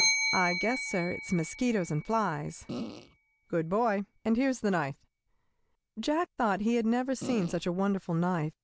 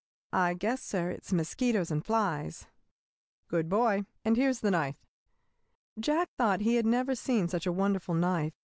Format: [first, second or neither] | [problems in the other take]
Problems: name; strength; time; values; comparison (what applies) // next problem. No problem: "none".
second | background sound (Fart + Bell); 7 dB below the speech